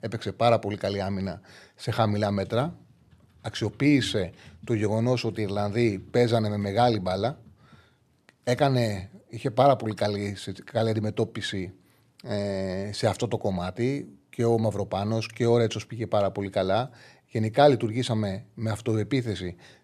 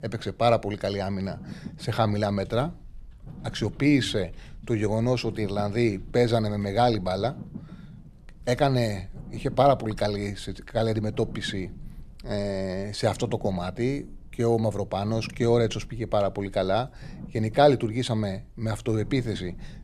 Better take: first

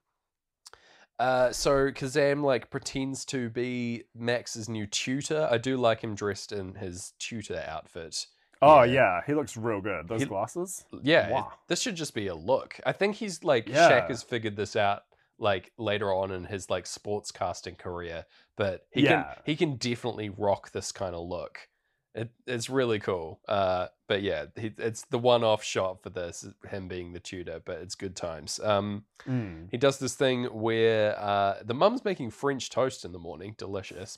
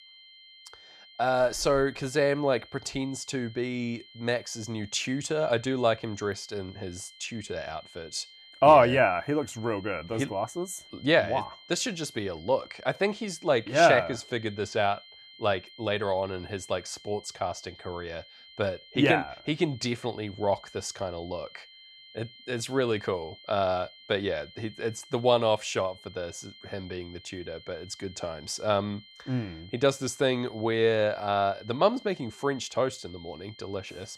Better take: first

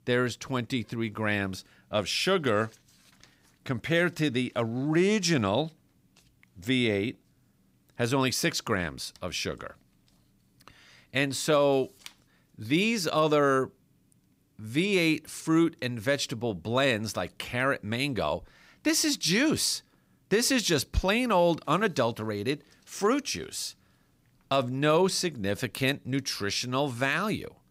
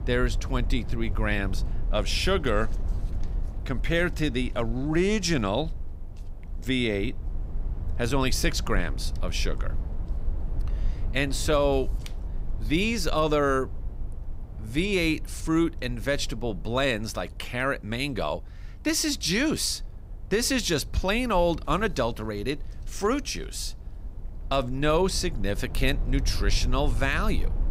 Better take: first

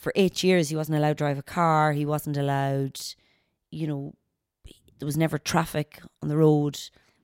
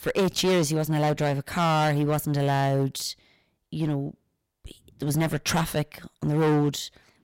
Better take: first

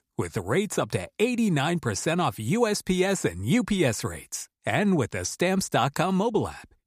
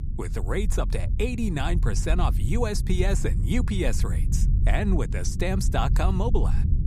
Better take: first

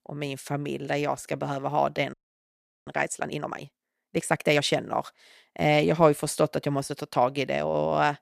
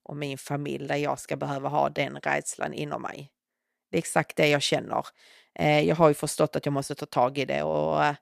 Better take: second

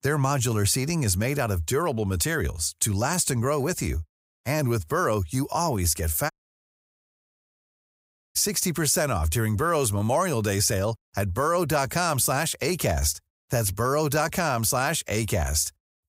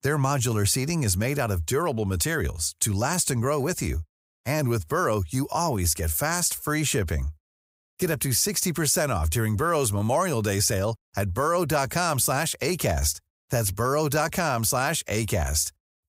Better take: second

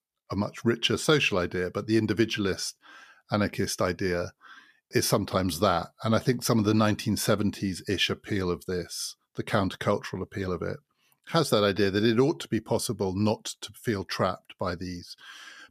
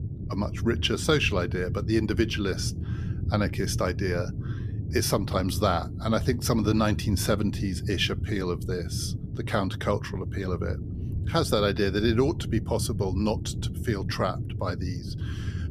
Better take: first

